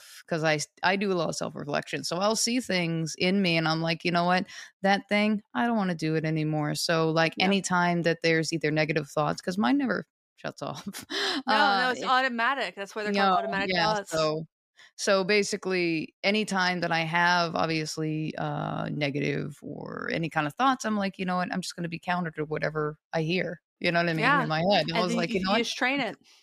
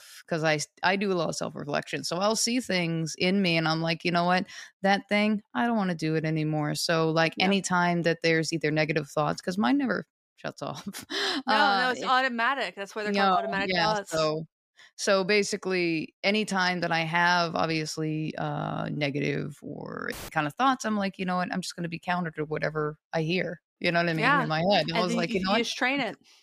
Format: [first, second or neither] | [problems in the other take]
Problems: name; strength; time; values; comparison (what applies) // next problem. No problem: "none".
first | audio cutting out; filled with static; at 20 s